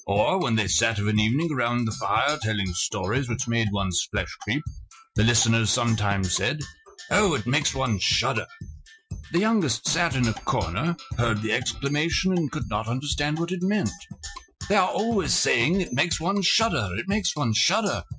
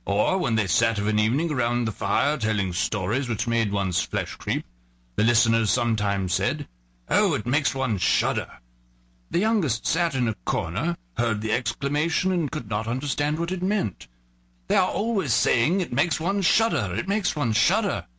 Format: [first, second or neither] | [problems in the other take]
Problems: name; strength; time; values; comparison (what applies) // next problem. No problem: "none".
second | noise reduction (classical method Wiener filter)